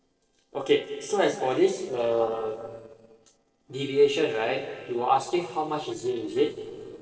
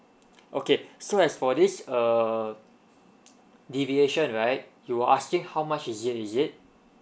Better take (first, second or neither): second